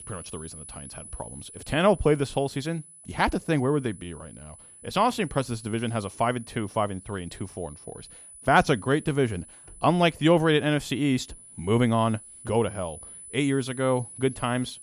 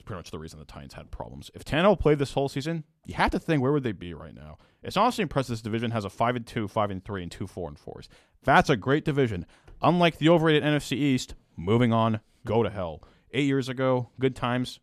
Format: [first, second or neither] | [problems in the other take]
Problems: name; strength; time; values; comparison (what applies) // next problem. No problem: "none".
second | high-pitched whine; noticeable; throughout; 10 kHz, 20 dB below the speech